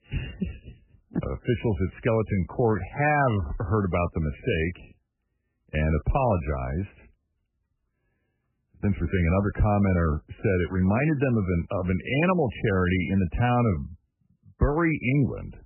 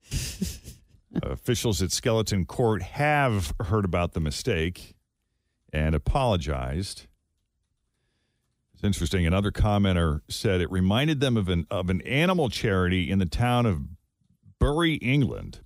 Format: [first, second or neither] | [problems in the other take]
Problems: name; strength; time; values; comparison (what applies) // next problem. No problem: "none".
second | garbled, watery; badly; nothing above 3 kHz